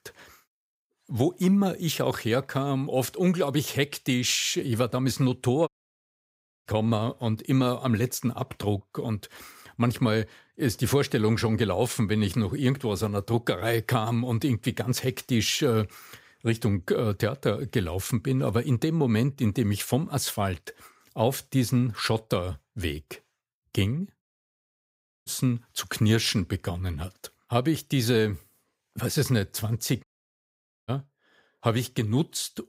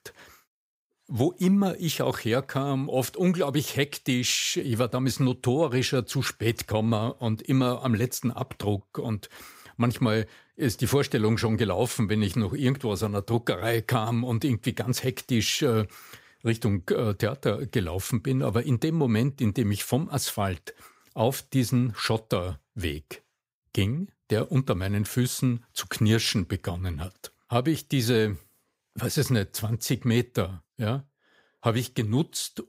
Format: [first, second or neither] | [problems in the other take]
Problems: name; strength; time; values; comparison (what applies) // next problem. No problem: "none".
second | audio cutting out; at 5.5 s for 1 s, at 24 s for 1 s and at 30 s for 1 s